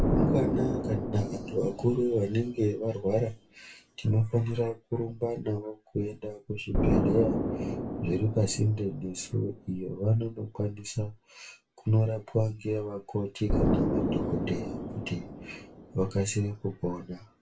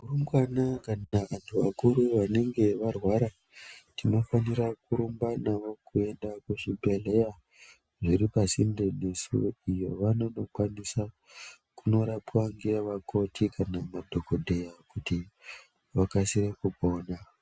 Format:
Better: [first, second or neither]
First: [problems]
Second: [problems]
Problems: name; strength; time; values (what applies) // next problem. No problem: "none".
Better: second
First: background sound (Explosion); 3 dB below the speech // room echo; dies away in 0.2 s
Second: none